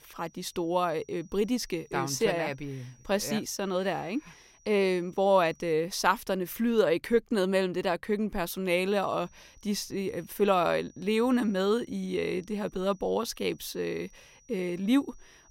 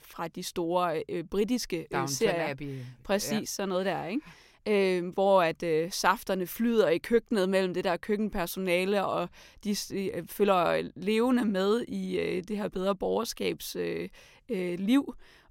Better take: second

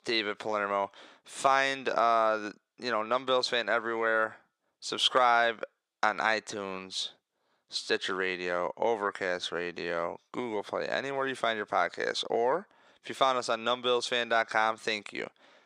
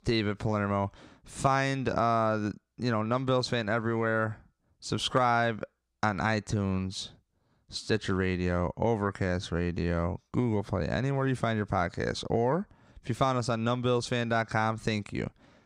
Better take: second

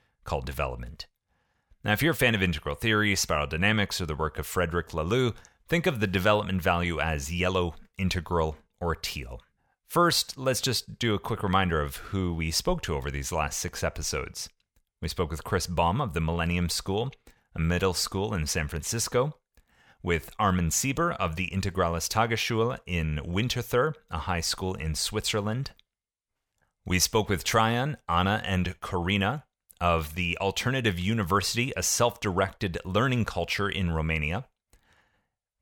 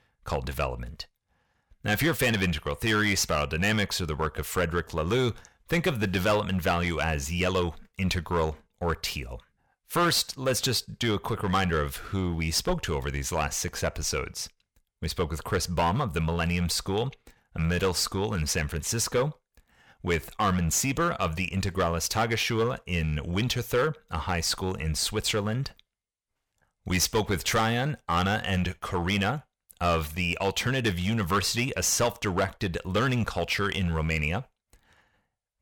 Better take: first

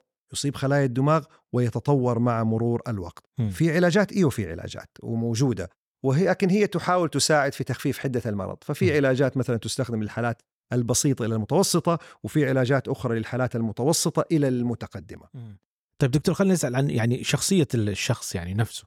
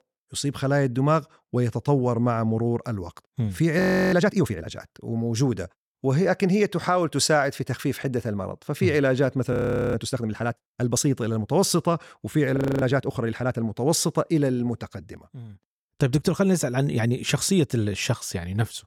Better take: first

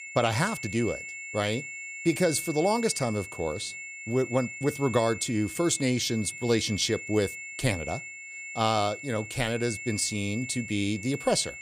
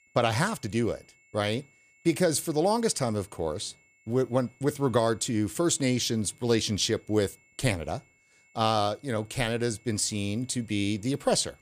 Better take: second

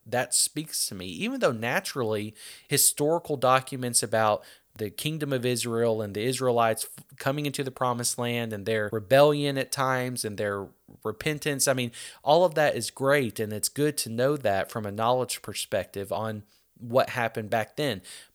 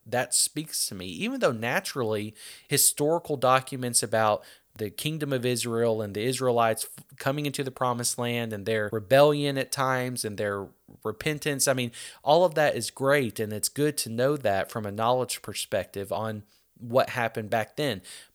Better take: neither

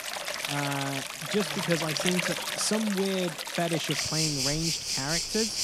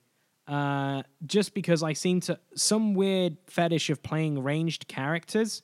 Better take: second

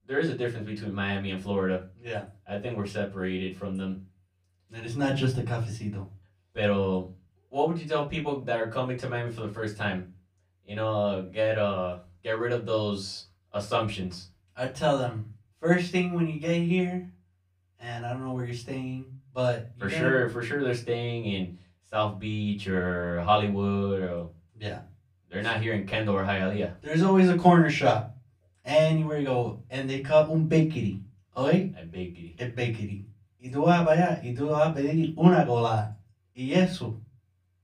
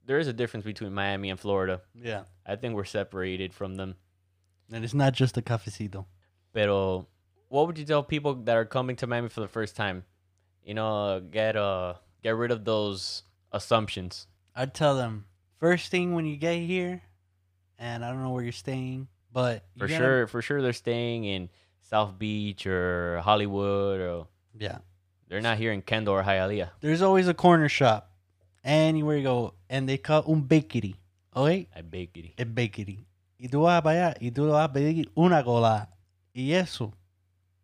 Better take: second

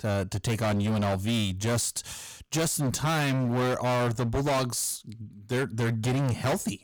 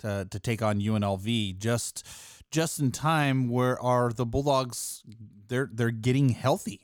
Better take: second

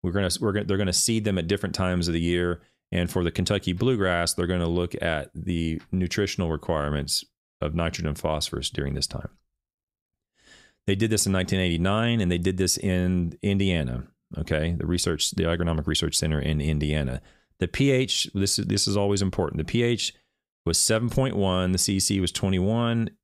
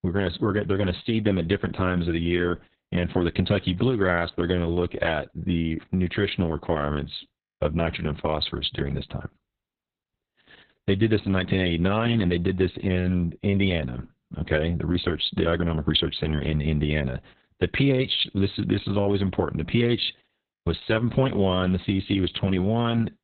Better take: first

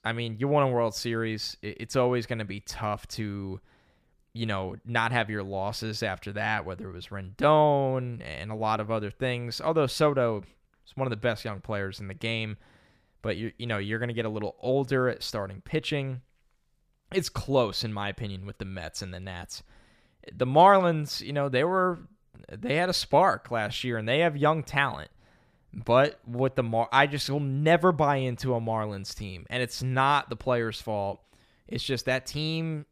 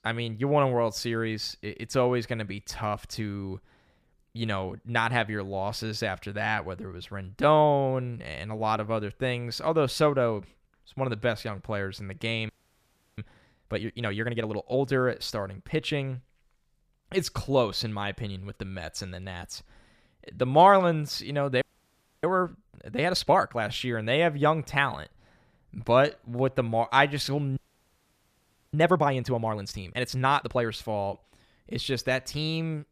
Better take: first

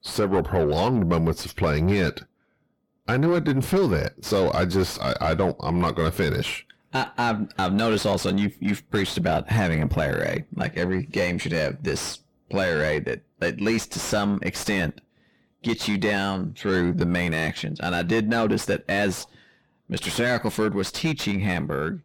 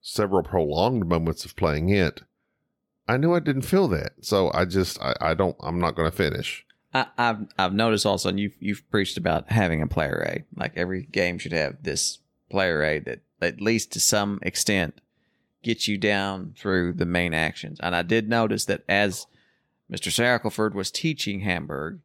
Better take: second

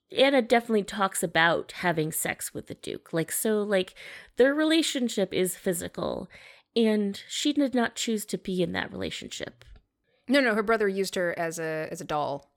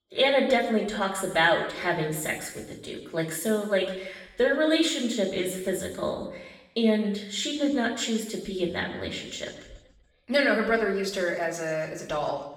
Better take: first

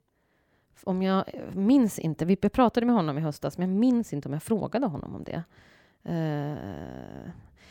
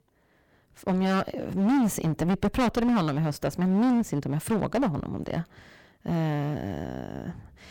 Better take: first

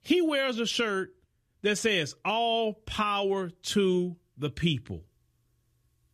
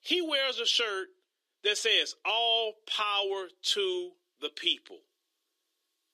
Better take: first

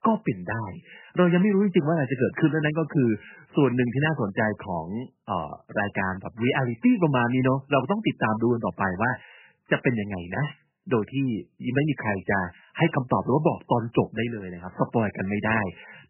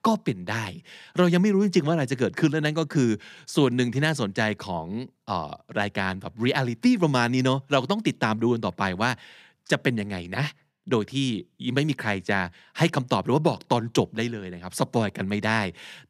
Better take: second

